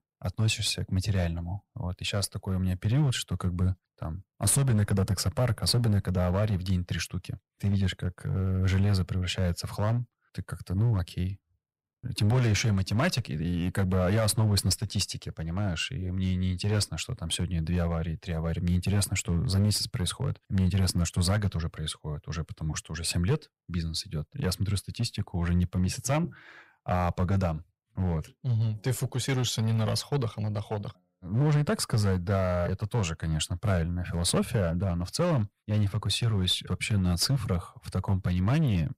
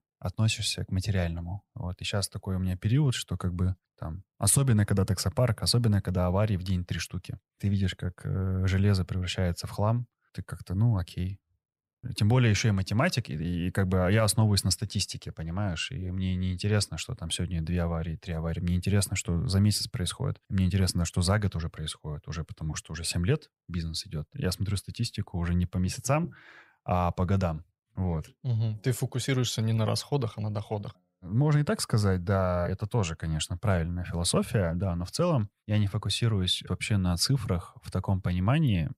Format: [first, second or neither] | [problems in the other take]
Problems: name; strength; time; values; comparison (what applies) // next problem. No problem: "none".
second | distortion; slight; 5% of the sound clipped